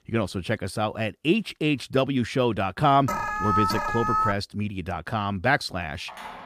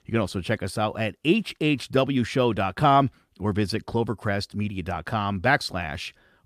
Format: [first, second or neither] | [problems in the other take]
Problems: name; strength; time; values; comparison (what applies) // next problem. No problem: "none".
second | alarm; loud; from 3 to 4.5 s; peak 2 dB above the speech // phone ringing; very faint; at 6 s; peak 15 dB below the speech